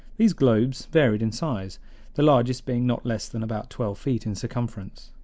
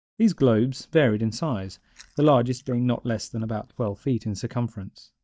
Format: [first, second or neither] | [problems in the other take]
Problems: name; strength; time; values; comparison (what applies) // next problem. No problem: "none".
first | noise reduction (neural mask model DeepFilterNet 3)